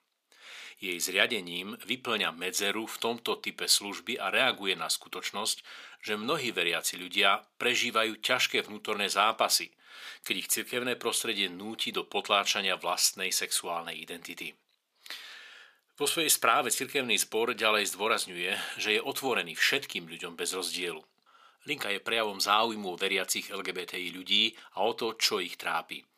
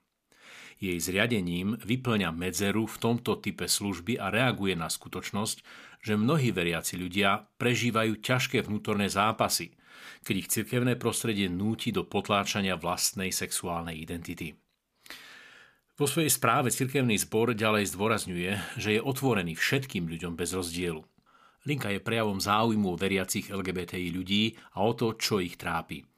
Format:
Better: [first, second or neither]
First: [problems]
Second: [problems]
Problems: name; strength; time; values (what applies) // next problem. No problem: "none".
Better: second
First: thin; somewhat; fading below 450 Hz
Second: none